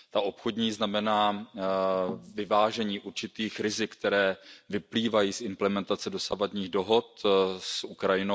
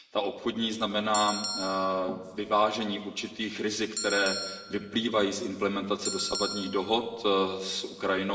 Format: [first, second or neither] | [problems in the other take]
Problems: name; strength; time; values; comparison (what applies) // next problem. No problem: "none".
first | background sound (Bell); 9 dB below the speech // room echo; dies away in 2.9 s